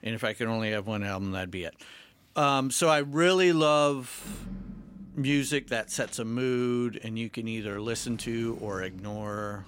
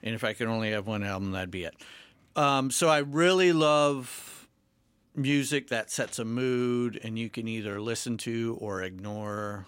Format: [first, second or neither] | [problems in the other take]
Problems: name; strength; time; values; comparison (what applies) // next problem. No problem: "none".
second | household noises; noticeable; throughout; 20 dB below the speech